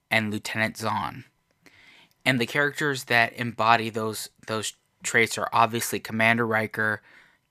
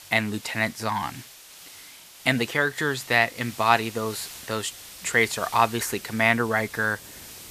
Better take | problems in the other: first | hiss; noticeable; throughout; 15 dB below the speech

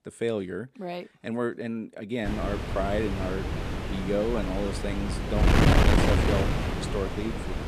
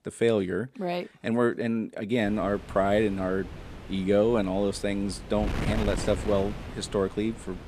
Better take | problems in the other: second | wind noise on the microphone; heavy; from 2.5 s on; 2 dB above the speech; occasional gusts in the second

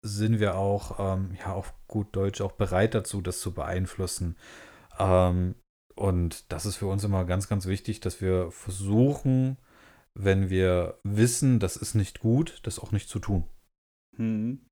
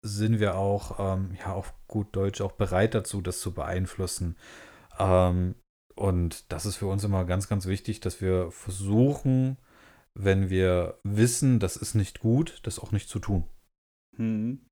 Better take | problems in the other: neither | none

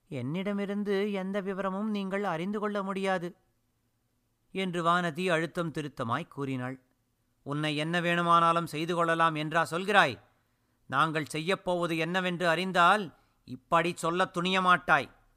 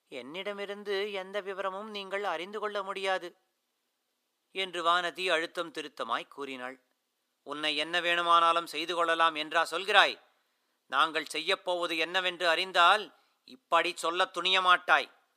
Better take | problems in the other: first | thin; very; fading below 350 Hz

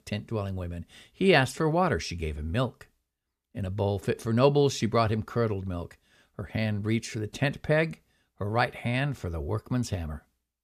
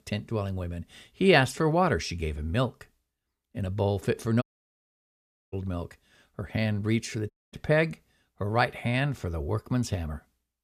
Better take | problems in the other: first | audio cutting out; at 4.5 s for 1 s and at 7.5 s

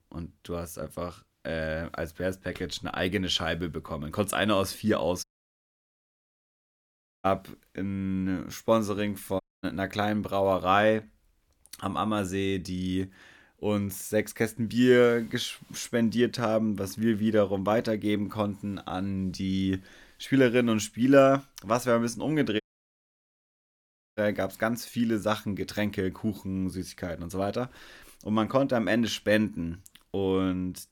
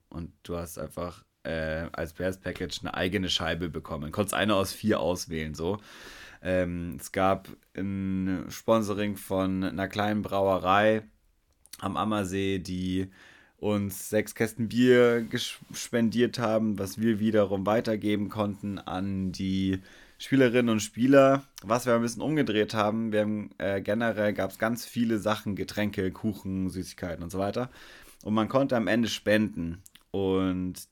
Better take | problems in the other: second | audio cutting out; at 5 s for 2 s, at 9.5 s and at 23 s for 1.5 s

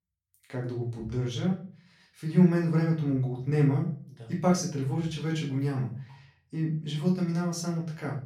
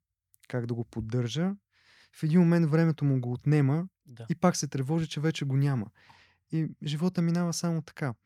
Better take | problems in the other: second | off-mic speech; far // room echo; slight; dies away in 0.4 s

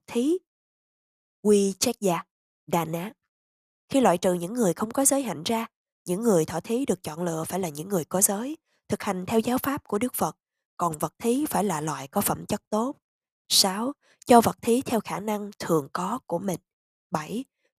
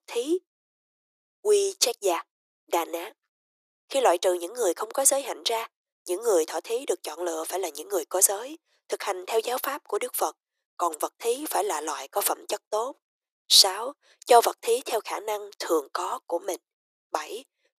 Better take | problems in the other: first | thin; very; fading below 350 Hz

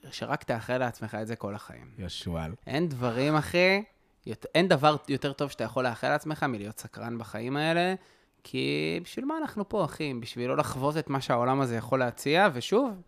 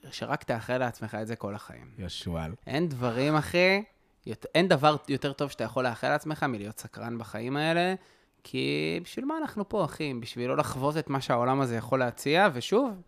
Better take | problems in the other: neither | none

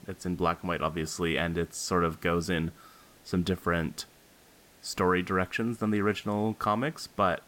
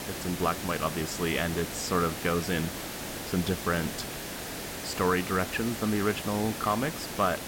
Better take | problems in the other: first | hiss; loud; throughout; 6 dB below the speech; faint in the first

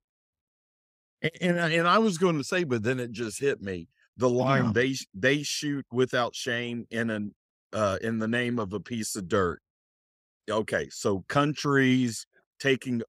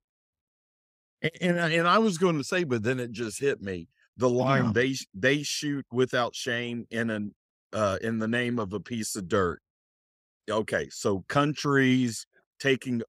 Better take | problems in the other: neither | none

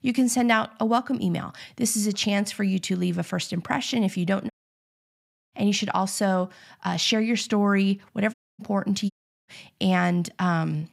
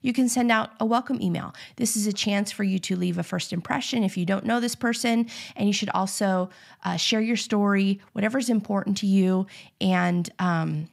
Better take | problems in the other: second | audio cutting out; at 4.5 s for 1 s, at 8.5 s and at 9 s

